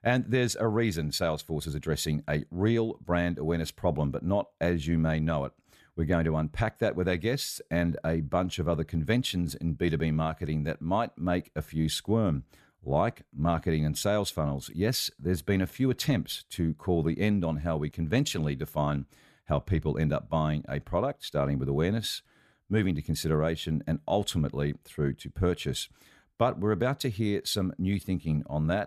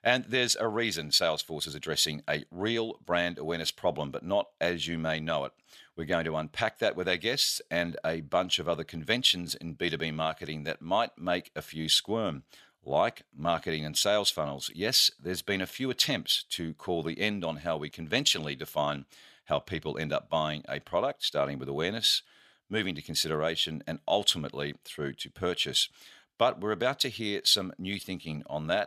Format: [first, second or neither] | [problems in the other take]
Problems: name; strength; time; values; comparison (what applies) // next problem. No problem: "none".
first | thin; somewhat; fading below 500 Hz